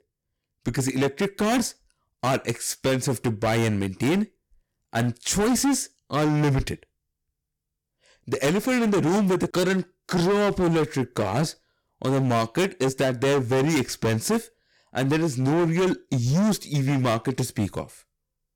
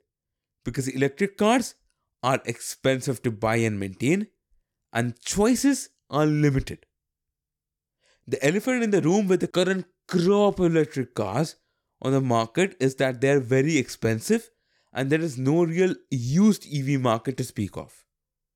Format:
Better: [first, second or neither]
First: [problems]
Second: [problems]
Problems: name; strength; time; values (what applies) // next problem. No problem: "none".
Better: second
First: distortion; heavy; 17% of the sound clipped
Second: none